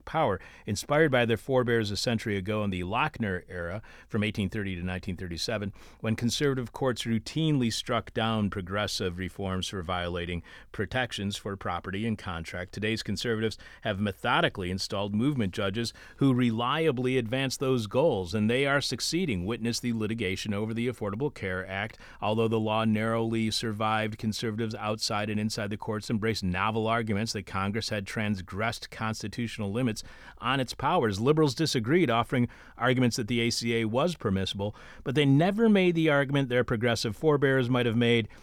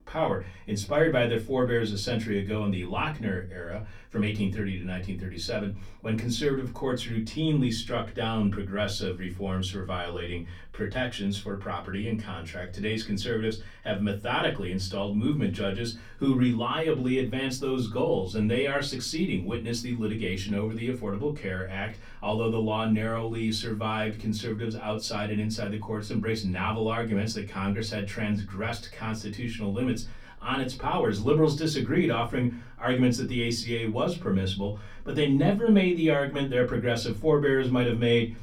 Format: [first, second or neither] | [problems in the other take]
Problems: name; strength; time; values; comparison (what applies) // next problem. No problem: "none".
first | off-mic speech; far // room echo; very slight; dies away in 0.2 s